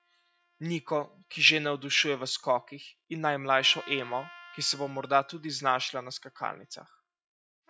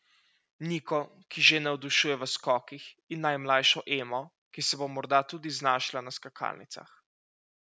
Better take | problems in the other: second | noise reduction (classical method log-MMSE)

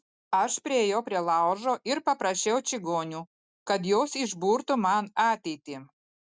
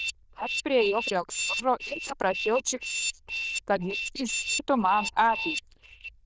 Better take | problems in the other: first | noise reduction (neural diffusion model UNIVERSE++)

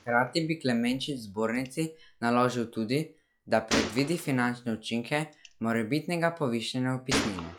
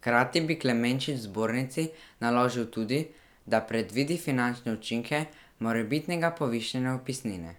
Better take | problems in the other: second | noise reduction (classical method log-MMSE)

